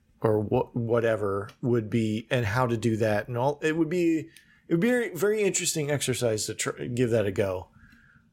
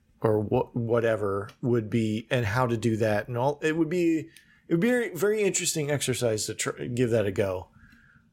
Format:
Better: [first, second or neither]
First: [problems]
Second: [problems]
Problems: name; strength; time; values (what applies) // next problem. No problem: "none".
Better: neither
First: none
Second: none